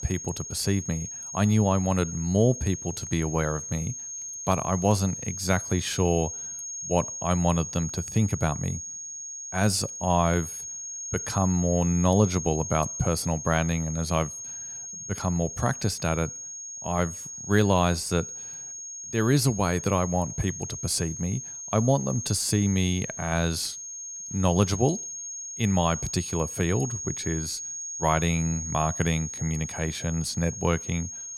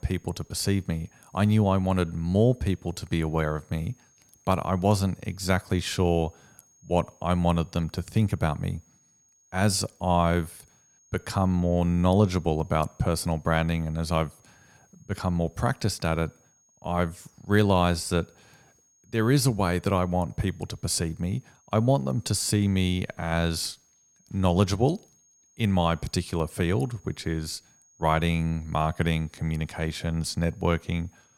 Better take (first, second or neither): second